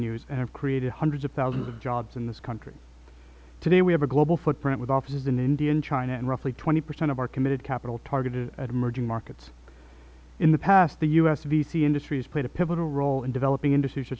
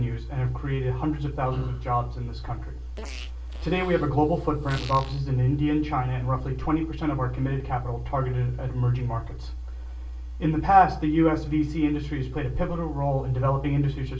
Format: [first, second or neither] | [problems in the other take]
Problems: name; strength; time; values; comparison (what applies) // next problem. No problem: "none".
first | background sound (Fart); 20 dB below the speech // room echo; dies away in 0.3 s